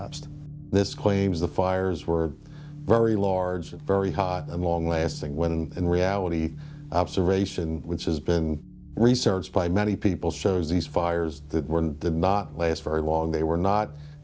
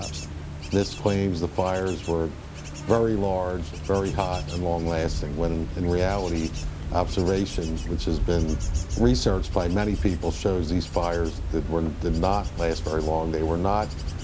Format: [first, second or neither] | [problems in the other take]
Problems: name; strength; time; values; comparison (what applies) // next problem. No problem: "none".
first | background sound (Wind / Bird / Insect); 5 dB below the speech